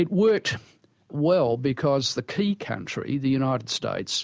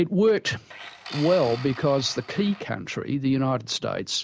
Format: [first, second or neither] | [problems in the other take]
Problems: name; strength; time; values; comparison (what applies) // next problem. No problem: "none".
first | background sound (Tools); 17 dB below the speech